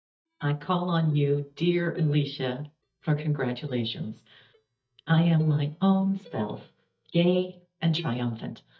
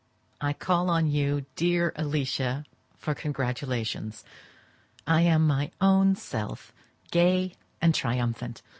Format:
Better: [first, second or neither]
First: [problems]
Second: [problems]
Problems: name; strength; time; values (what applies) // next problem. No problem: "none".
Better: second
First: noise reduction (neural mask model DeepFilterNet 3)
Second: none